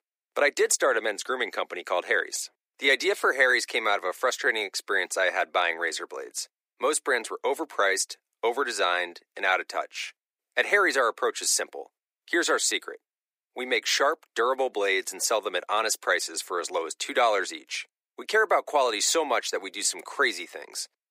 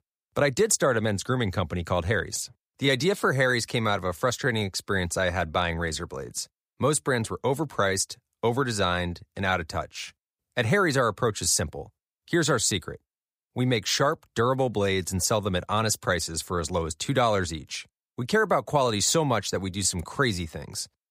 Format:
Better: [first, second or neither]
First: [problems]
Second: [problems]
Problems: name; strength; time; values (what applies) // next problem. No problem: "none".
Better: second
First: thin; very; fading below 300 Hz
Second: none